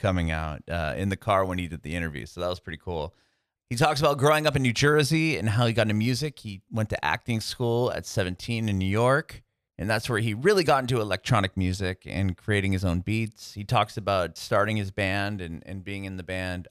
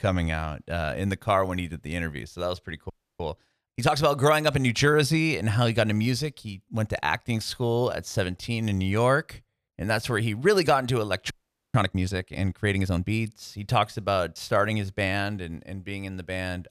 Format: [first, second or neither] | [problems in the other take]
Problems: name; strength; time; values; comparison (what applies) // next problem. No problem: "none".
first | audio freezing; at 3 s and at 11 s